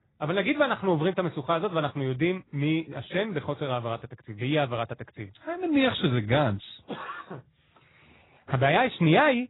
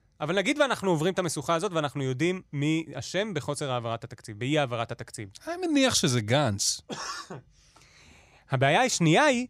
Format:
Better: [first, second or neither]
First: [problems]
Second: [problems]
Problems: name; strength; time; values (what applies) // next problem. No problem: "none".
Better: second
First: garbled, watery; badly; nothing above 4 kHz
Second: none